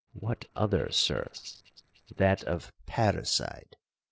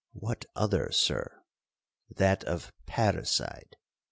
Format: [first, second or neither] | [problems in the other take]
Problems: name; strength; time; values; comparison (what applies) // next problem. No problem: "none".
second | noise reduction (neural separator model SepFormer DNS4)